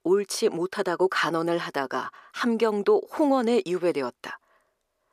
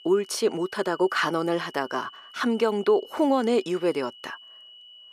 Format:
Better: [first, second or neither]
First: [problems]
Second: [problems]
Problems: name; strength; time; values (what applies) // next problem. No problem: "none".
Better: first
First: none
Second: high-pitched whine; faint; throughout; 3 kHz, 20 dB below the speech